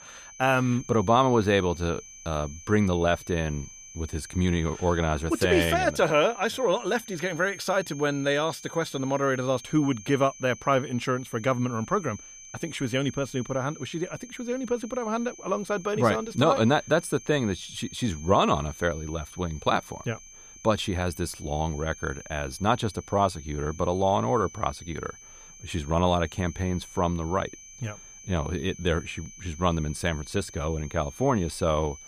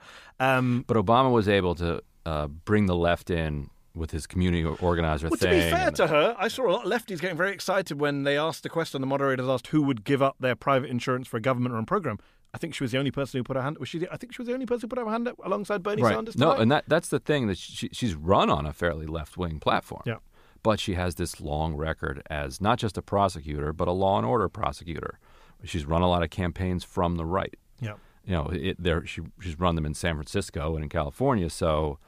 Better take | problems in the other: second | high-pitched whine; noticeable; throughout; 6.5 kHz, 15 dB below the speech

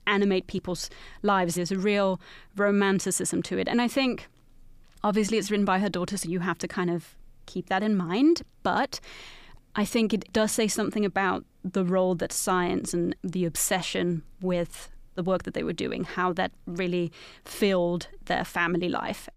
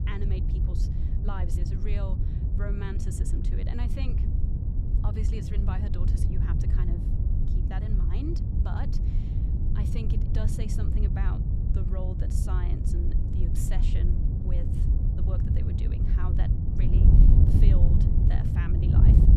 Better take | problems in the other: first | wind noise on the microphone; heavy; 3 dB above the speech

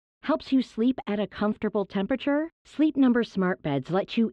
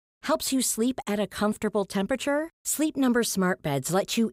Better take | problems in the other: second | muffled; very; fading above 3 kHz

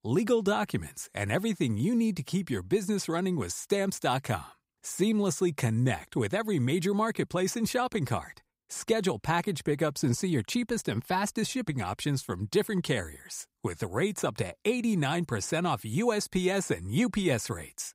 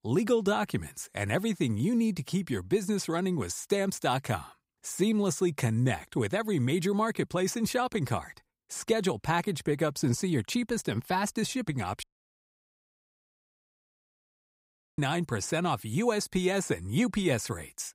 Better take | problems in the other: first | audio cutting out; at 12 s for 3 s

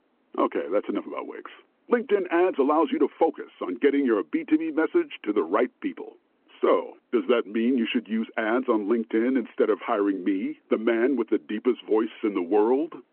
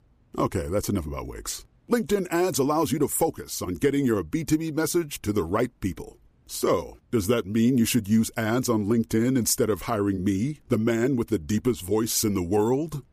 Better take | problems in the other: second | phone-call audio

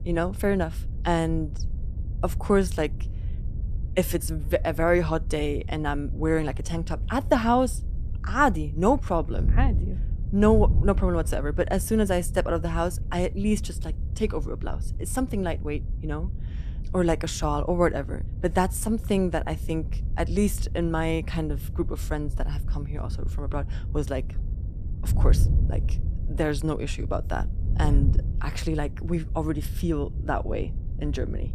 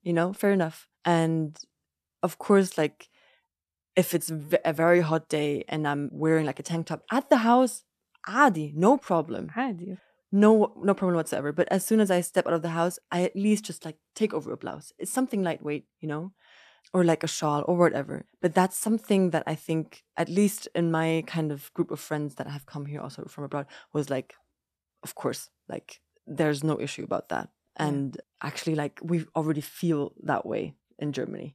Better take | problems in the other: second | wind noise on the microphone; occasional gusts; 20 dB below the speech

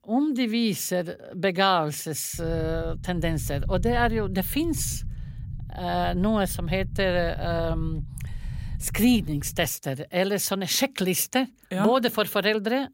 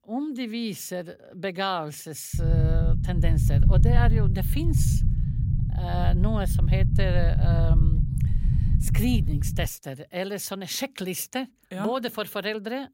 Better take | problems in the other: first | low rumble; loud; from 2.5 to 9.5 s; 6 dB below the speech; faint in the first

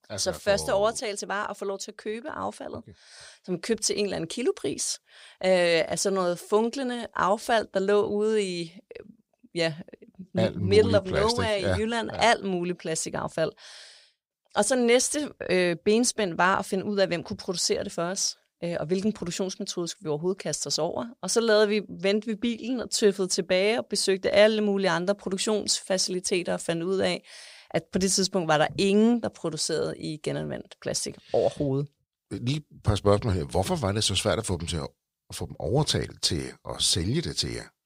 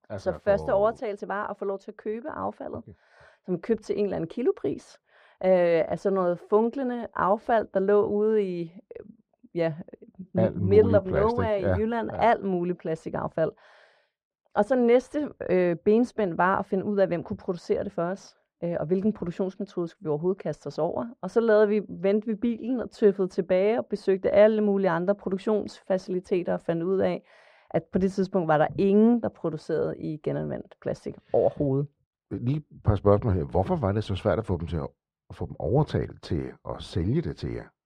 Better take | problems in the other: first | muffled; very; fading above 3 kHz

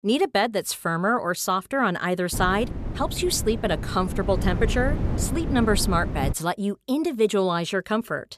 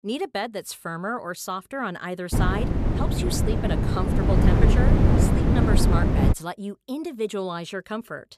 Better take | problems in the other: first | wind noise on the microphone; heavy; from 2.5 to 6.5 s; 1 dB above the speech; occasional gusts in the first

